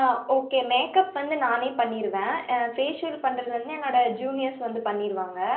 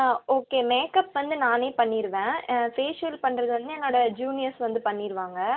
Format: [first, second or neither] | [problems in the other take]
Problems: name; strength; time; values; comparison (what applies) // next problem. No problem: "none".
second | room echo; dies away in 0.5 s